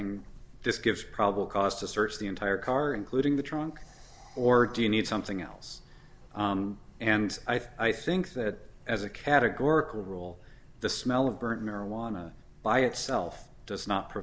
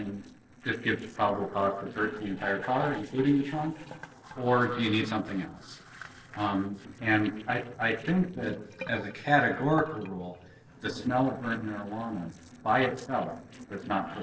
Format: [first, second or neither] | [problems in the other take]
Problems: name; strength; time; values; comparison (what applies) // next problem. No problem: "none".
first | noise reduction (neural separator model SepFormer DNS4)